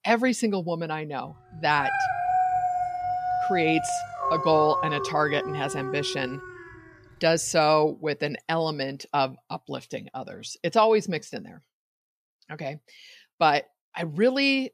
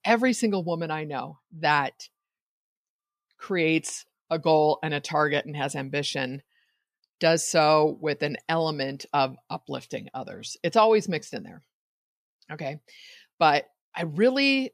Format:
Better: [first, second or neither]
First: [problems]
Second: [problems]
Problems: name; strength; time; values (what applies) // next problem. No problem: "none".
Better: second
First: dog barking; loud; from 2 to 6.5 s; peak 2 dB above the speech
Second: none